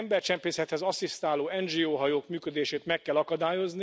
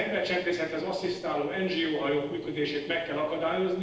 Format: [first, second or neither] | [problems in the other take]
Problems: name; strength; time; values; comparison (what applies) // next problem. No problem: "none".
first | noise reduction (neural separator model SepFormer DNS4)